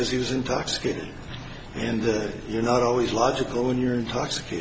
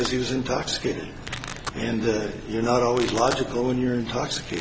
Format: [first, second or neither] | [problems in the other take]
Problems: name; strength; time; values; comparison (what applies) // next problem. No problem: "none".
first | background sound (Domestic sounds, home sounds); 15 dB below the speech